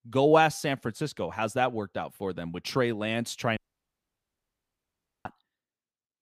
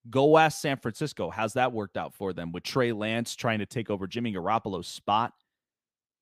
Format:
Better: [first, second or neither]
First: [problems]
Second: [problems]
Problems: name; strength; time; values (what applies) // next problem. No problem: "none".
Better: second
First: audio cutting out; at 3.5 s for 1.5 s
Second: none